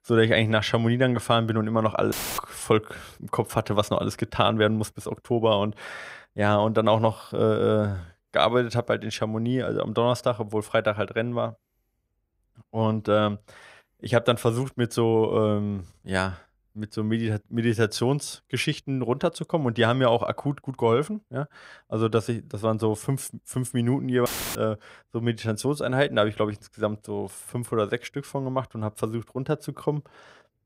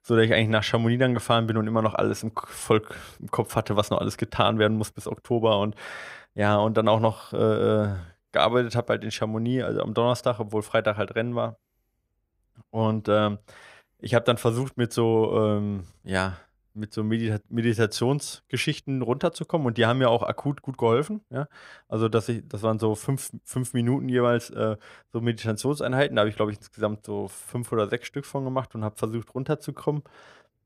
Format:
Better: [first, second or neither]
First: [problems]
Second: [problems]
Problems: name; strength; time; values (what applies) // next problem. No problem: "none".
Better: second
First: audio cutting out; filled with static; at 2 s and at 24 s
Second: none